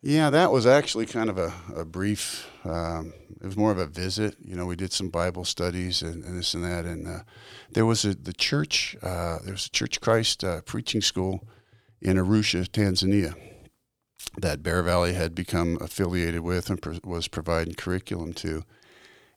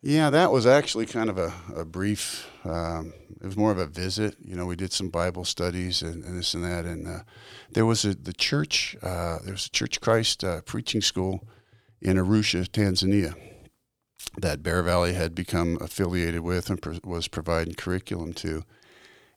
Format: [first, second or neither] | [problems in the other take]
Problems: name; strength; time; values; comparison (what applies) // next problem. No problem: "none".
neither | none